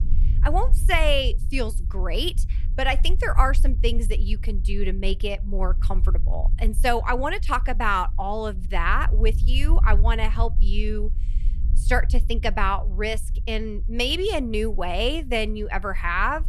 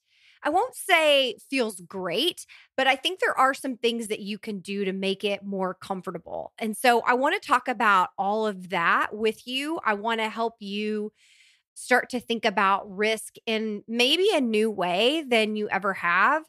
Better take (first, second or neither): second